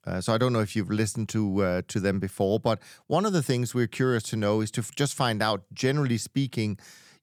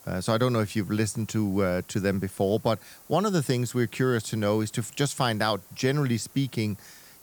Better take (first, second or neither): first